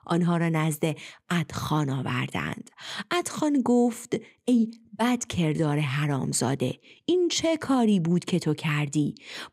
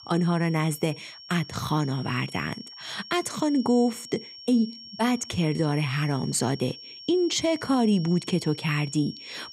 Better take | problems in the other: first | high-pitched whine; noticeable; throughout; 5.5 kHz, 15 dB below the speech

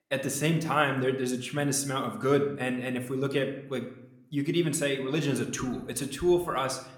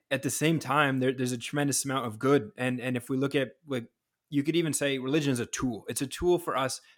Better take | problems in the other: second | room echo; very slight; dies away in 0.6 s

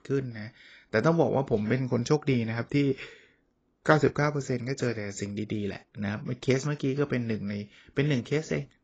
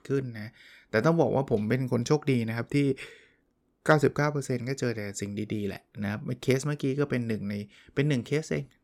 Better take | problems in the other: second | garbled, watery; badly; nothing above 7.5 kHz

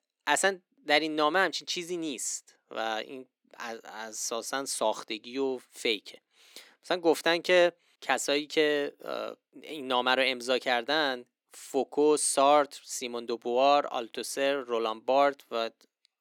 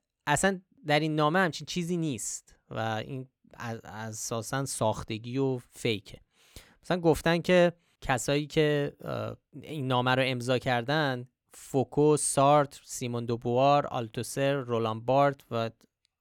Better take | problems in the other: second | thin; somewhat; fading below 300 Hz

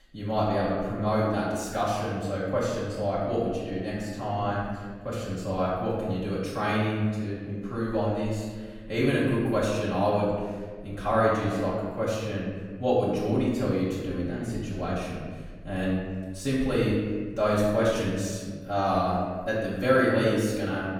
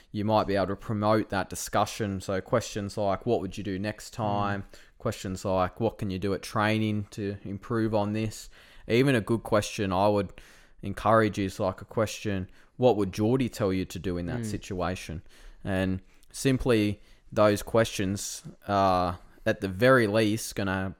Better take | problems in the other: second | off-mic speech; far // room echo; noticeable; dies away in 1.5 s

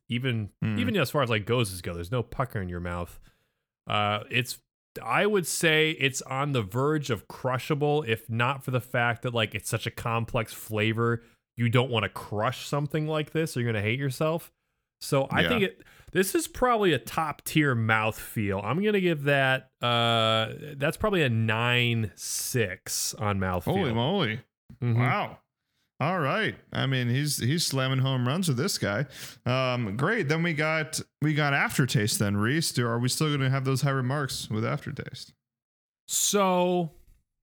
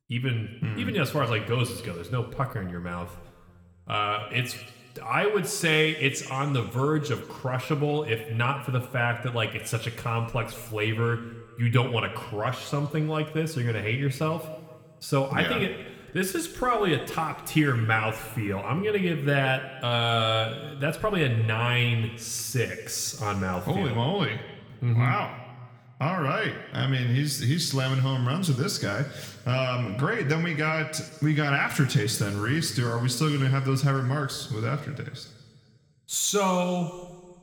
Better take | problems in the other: first | room echo; slight; dies away in 1.5 s

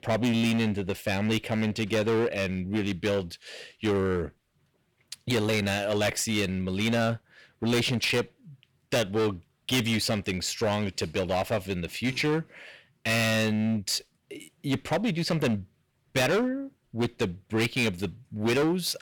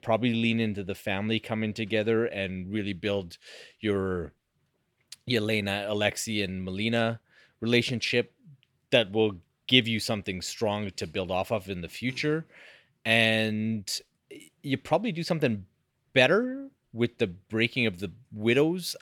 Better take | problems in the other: second | distortion; heavy; 12% of the sound clipped

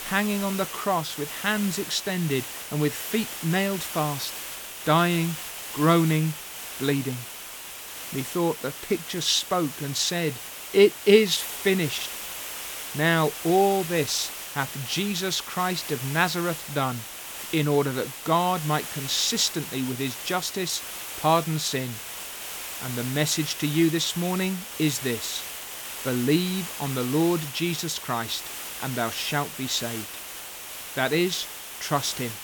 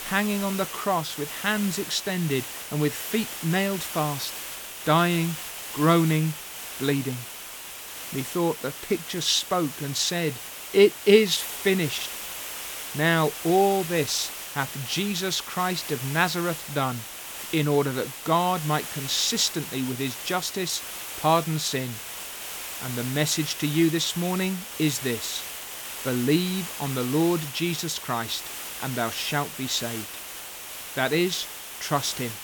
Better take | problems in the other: neither | hiss; loud; throughout; 8 dB below the speech; the same in both

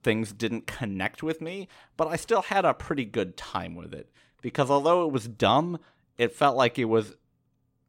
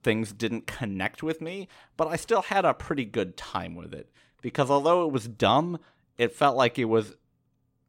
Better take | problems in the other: neither | none

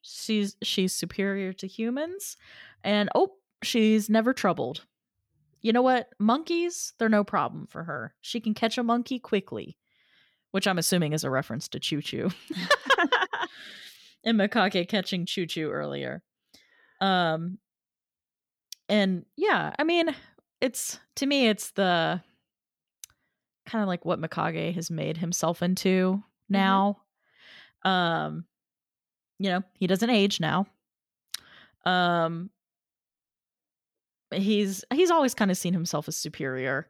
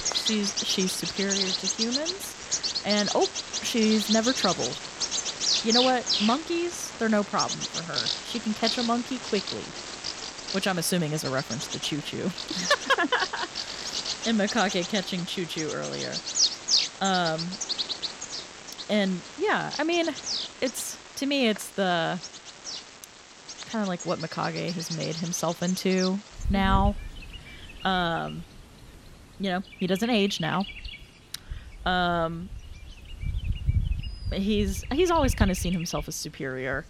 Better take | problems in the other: first | animal sounds; loud; throughout; 2 dB below the speech

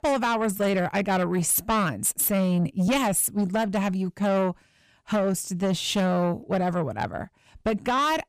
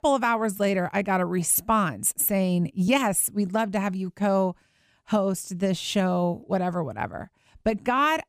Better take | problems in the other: second | distortion; slight; 10 dB below the speech

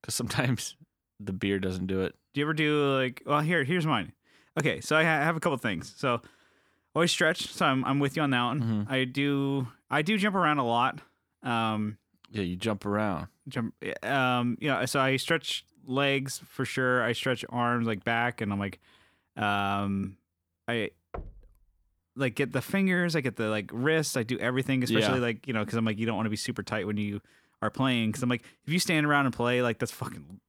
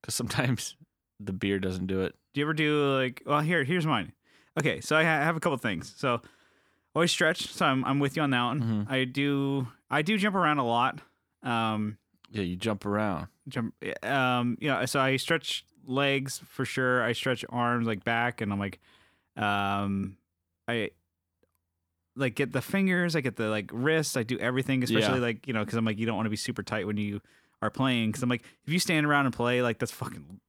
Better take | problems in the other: second | door banging; faint; at 21 s; peak 15 dB below the speech

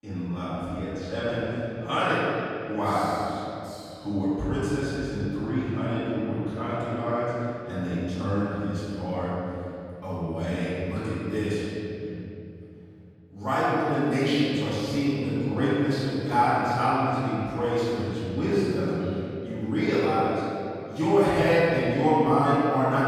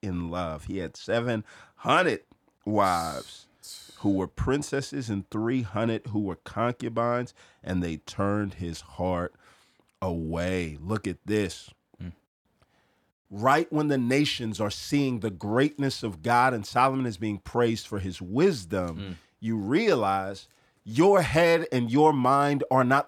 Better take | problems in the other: second | off-mic speech; far // room echo; strong; dies away in 2.8 s

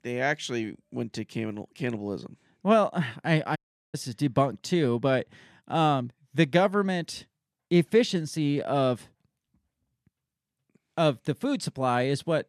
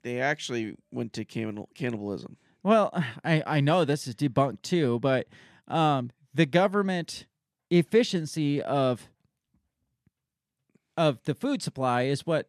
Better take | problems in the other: second | audio cutting out; at 3.5 s

